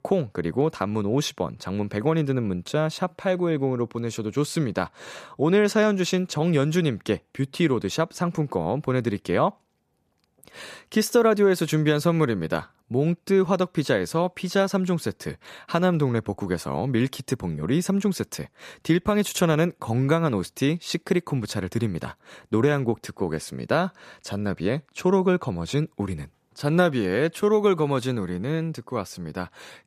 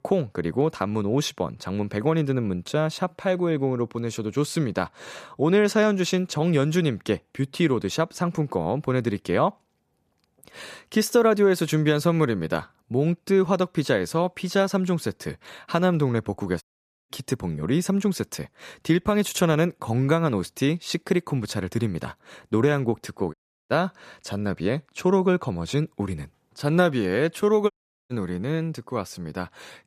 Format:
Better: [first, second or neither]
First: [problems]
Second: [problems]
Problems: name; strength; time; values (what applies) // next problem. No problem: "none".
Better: first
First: none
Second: audio cutting out; at 17 s, at 23 s and at 28 s